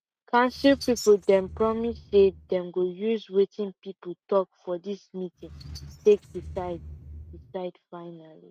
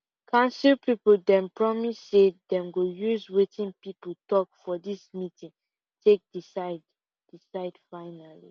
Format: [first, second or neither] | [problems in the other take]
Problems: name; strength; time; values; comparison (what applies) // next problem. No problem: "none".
second | noise reduction (neural mask model RNNoise)